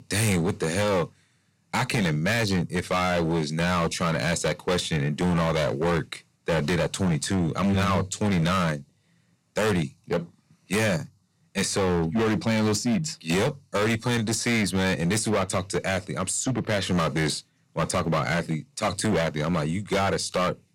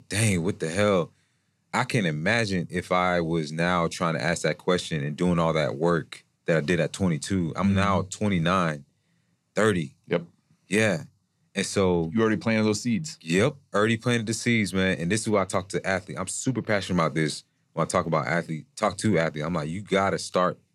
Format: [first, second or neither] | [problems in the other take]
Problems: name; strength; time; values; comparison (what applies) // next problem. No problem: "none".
second | distortion; heavy; 17% of the sound clipped